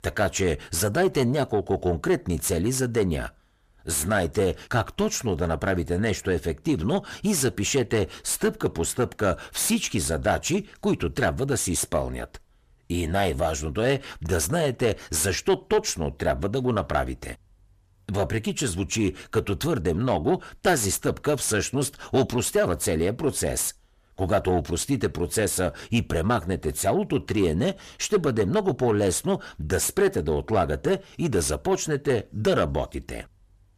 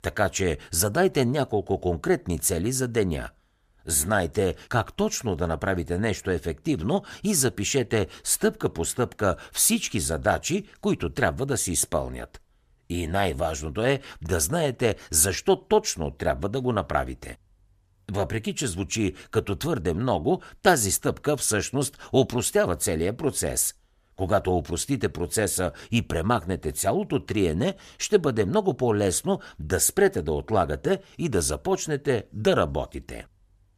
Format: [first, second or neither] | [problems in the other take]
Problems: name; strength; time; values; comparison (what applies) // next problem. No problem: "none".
second | distortion; slight; 10 dB below the speech